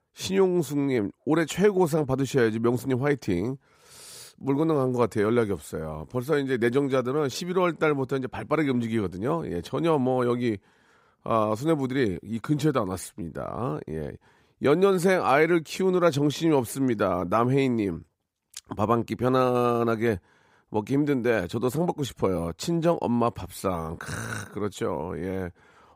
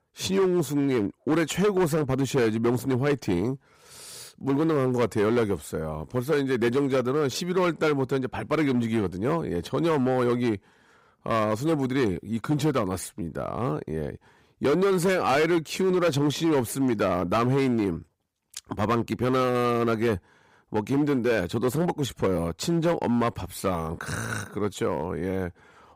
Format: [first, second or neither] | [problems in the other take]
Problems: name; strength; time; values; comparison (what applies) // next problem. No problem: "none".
first | distortion; slight; 9% of the sound clipped